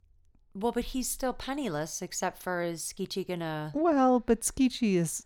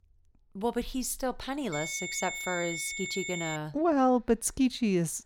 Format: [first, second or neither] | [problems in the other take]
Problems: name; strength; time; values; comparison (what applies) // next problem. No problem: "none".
first | high-pitched whine; loud; from 1.5 to 3.5 s; 2 kHz, 5 dB below the speech